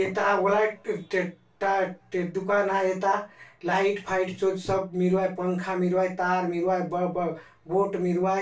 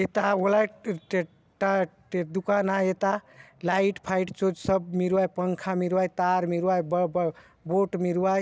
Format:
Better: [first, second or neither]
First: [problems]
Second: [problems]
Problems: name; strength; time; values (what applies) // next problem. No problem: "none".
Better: second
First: room echo; dies away in 0.2 s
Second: none